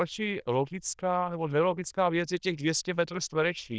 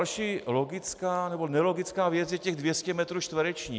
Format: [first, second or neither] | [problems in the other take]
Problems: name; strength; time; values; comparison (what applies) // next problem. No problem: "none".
second | noise reduction (neural diffusion model UNIVERSE++)